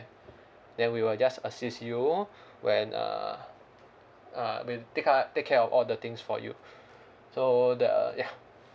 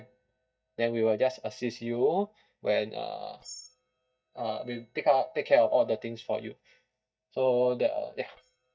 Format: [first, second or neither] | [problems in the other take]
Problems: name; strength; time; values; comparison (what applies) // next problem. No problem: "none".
first | noise reduction (neural mask model DeepFilterNet 3)